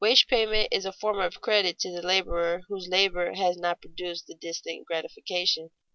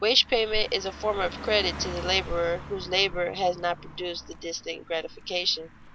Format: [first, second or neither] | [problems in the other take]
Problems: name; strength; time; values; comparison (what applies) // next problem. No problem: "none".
first | background sound (Car passing by); 14 dB below the speech